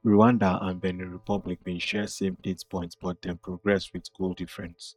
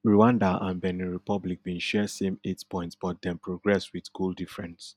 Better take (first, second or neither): second